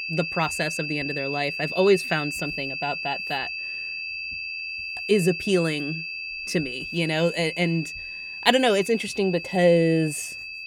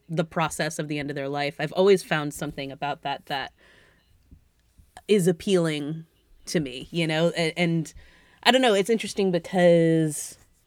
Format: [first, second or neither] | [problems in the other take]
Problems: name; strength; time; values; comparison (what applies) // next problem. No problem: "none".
second | high-pitched whine; loud; throughout; 2.5 kHz, 6 dB below the speech